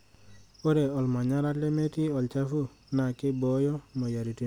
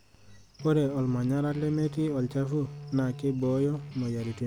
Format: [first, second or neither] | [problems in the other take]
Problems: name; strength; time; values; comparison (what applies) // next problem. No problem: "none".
first | background sound (Guitar); 14 dB below the speech